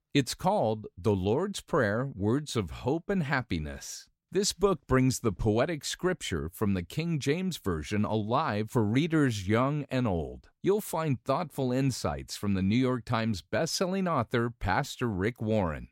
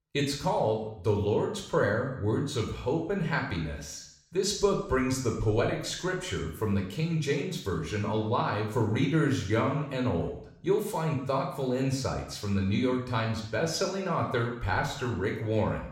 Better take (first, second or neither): first